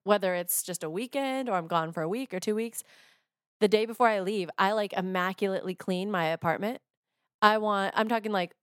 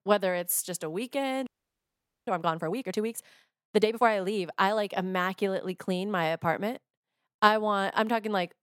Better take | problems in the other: first | audio freezing; at 1.5 s for 1 s

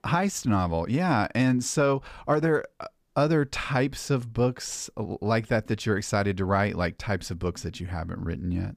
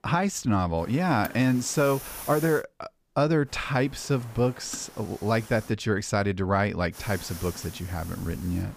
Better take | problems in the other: first | hiss; noticeable; from 1 to 2.5 s, from 3.5 to 5.5 s and from 7 s on; 15 dB below the speech

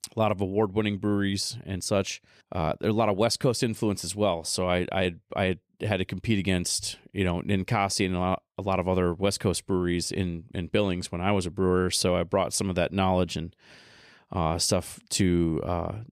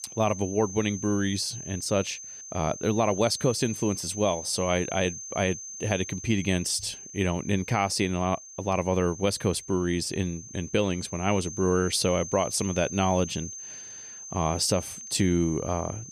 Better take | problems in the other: first | high-pitched whine; noticeable; throughout; 6.5 kHz, 10 dB below the speech

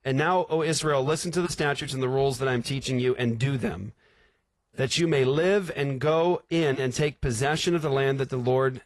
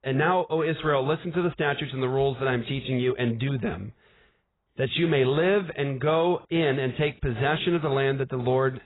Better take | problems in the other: first | garbled, watery; badly; nothing above 4 kHz; slightly in the first

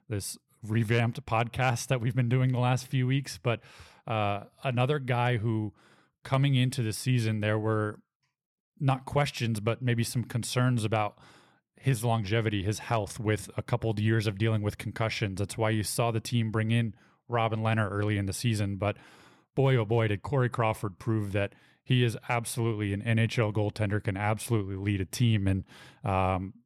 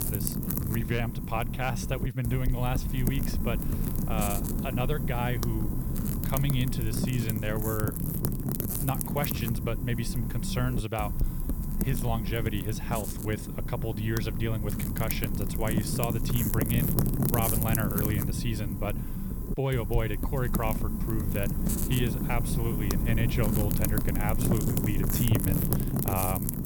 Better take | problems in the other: first | wind noise on the microphone; heavy; 3 dB below the speech

